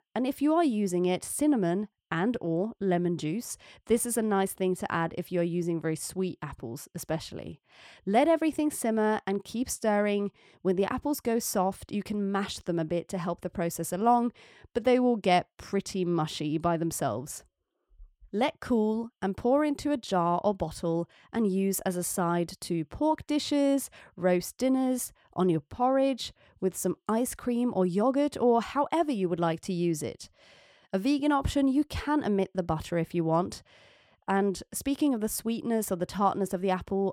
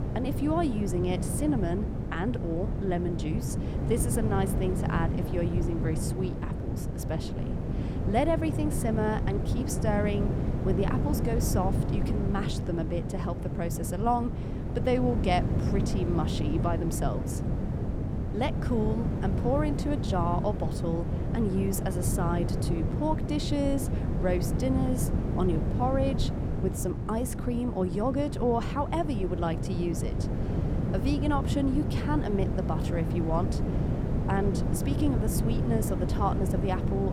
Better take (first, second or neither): first